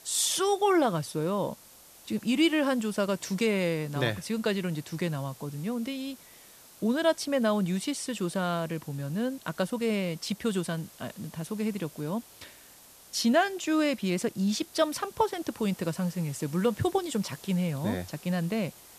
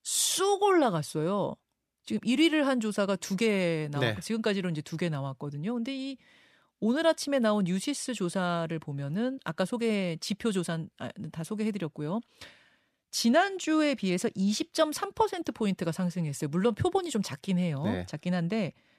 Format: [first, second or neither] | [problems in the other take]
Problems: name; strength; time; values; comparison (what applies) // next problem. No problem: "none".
second | hiss; faint; throughout; 20 dB below the speech